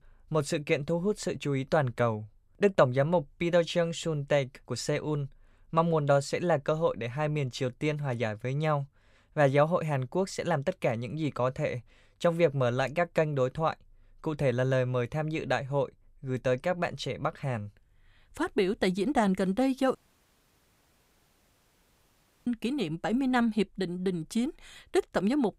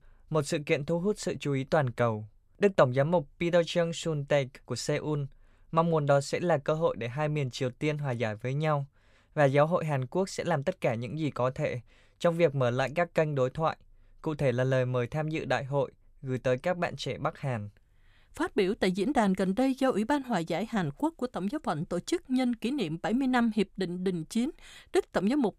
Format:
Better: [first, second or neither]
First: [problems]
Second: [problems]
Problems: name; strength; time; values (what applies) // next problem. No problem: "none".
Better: second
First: audio cutting out; at 20 s for 2.5 s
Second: none